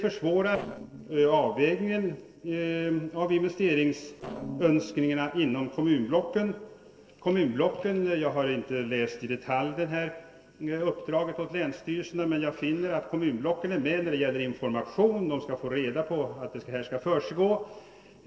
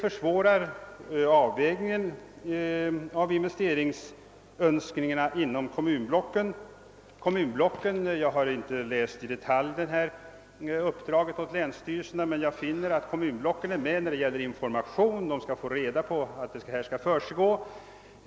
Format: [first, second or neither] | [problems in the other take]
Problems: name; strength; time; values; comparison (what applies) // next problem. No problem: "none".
second | noise reduction (neural separator model SepFormer DNS4)